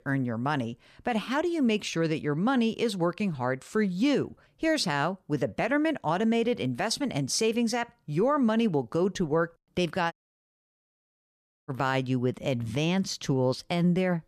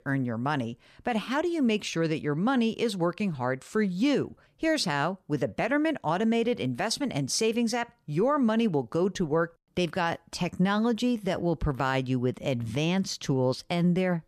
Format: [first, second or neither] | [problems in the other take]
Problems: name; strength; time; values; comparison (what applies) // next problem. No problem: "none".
second | audio cutting out; at 10 s for 1.5 s